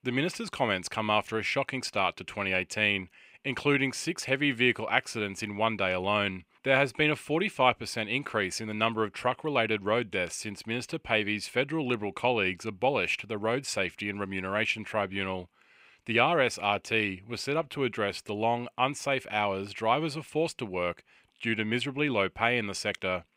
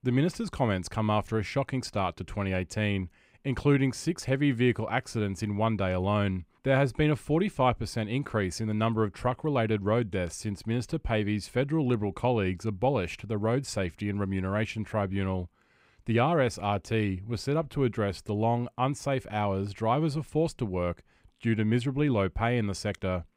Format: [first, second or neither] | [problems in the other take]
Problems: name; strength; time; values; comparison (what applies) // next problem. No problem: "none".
second | thin; somewhat; fading below 500 Hz